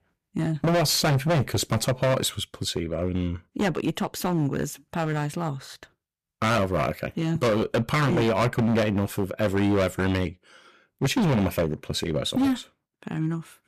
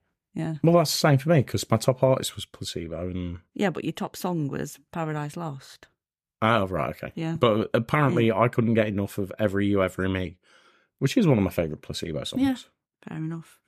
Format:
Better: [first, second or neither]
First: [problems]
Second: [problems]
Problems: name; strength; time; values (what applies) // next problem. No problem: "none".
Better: second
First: distortion; heavy; 13% of the sound clipped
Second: none